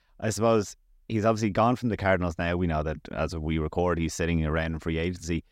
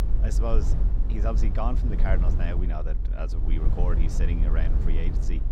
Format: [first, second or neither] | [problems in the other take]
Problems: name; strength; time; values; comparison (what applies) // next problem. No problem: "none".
first | low rumble; loud; throughout; 6 dB below the speech